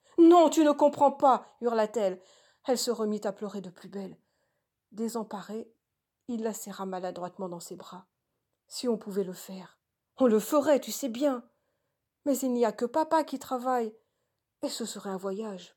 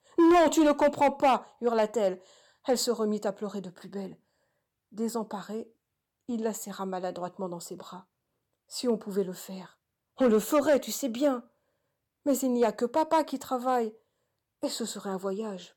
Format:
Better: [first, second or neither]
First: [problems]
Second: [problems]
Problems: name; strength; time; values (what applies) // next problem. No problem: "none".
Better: first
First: none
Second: distortion; slight; 2% of the sound clipped